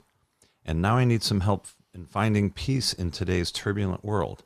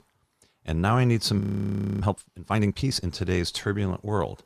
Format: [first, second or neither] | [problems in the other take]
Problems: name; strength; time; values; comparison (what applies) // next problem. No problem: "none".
first | audio freezing; at 1.5 s for 0.5 s